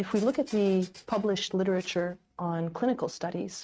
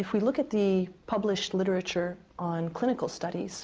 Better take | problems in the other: second | noise reduction (neural mask model RNNoise)

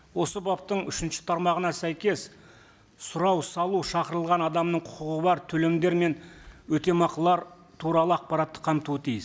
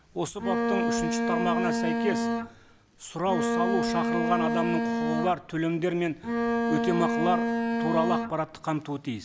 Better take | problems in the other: first | background sound (Bowed string instrument); 2 dB above the speech

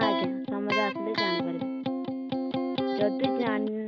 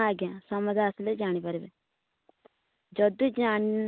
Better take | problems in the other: second | background sound (Electric guitar); 3 dB above the speech

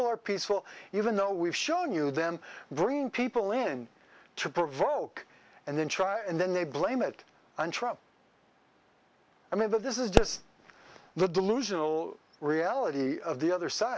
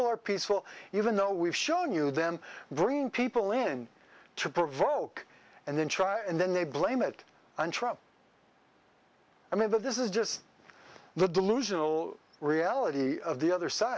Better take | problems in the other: second | background sound (Explosion); as loud as the speech

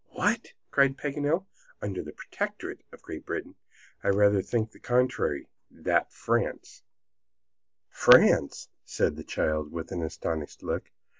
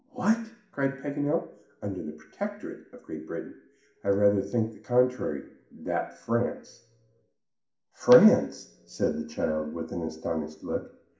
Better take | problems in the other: first | room echo; dies away in 0.5 s

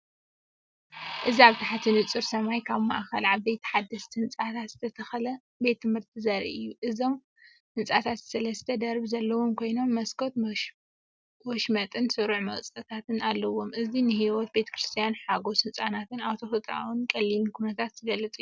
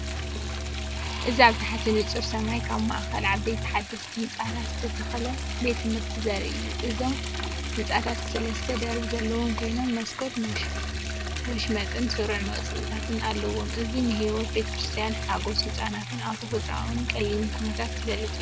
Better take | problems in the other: first | background sound (Musical instrument + Liquid); 2 dB below the speech

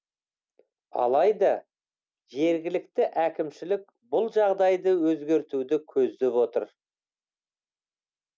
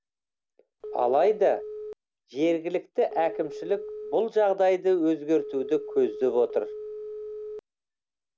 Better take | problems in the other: first | background sound (Telephone); 12 dB below the speech

